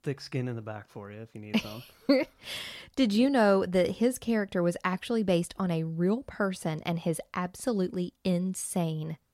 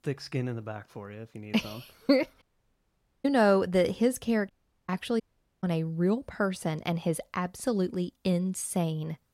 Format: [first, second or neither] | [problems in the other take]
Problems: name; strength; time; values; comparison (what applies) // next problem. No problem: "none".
first | audio cutting out; at 2.5 s for 1 s, at 4.5 s and at 5 s